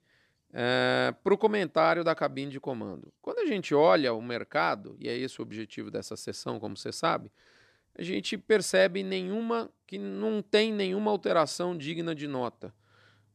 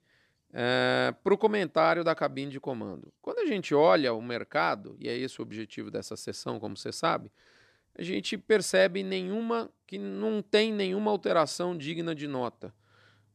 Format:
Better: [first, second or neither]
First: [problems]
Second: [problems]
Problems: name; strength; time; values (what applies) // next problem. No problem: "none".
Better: neither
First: none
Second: none